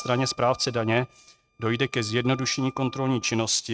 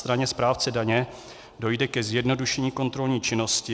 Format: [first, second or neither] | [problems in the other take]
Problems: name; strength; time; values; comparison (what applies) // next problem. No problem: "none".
second | noise reduction (neural mask model RNNoise)